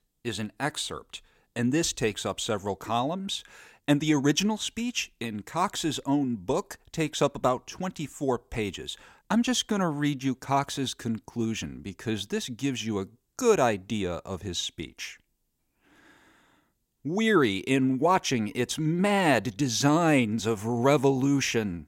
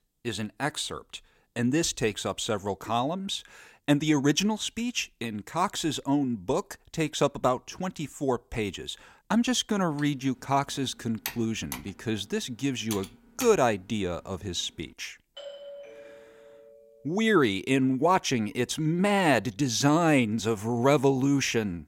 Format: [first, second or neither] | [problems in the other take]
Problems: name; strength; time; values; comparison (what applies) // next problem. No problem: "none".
first | keyboard typing; noticeable; from 10 to 14 s; peak 9 dB below the speech // doorbell; faint; from 15 to 17 s; peak 15 dB below the speech